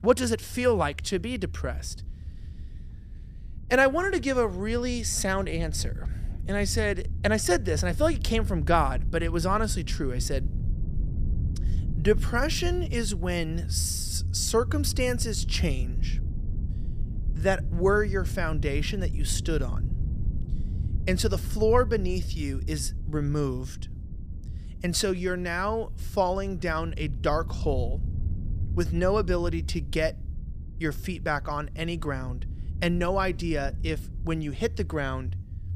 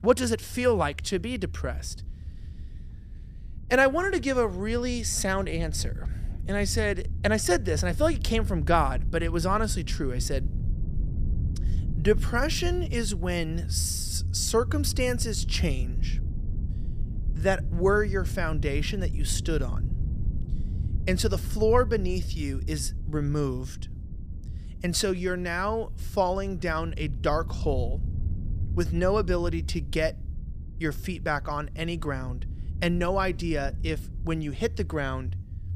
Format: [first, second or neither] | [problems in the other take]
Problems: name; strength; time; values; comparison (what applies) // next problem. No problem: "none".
neither | low rumble; noticeable; throughout; 20 dB below the speech; the same in both